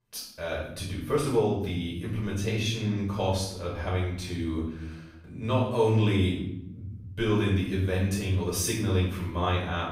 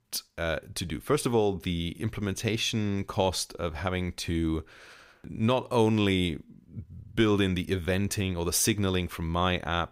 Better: second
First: off-mic speech; far // room echo; noticeable; dies away in 0.8 s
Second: none

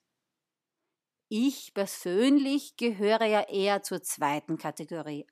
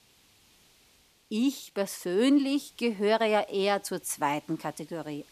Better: first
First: none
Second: hiss; faint; throughout; 30 dB below the speech

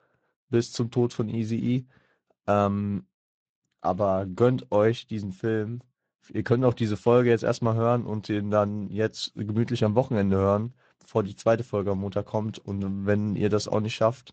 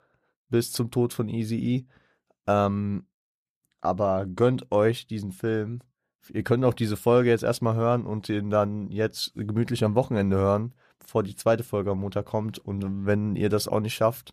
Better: second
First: garbled, watery; slightly; nothing above 7.5 kHz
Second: none

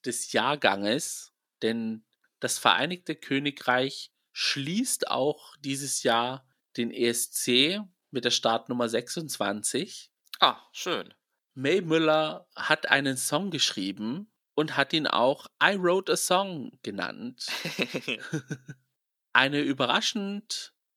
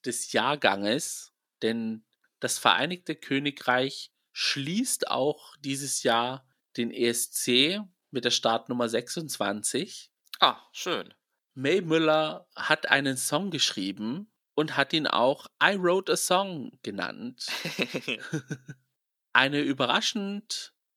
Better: neither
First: thin; somewhat; fading below 350 Hz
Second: thin; somewhat; fading below 350 Hz

